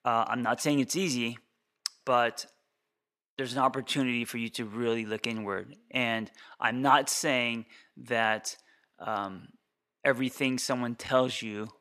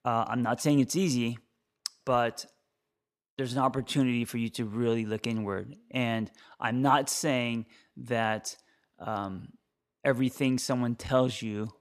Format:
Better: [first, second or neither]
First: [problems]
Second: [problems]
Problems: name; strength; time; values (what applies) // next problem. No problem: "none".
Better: second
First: thin; very slightly; fading below 300 Hz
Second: none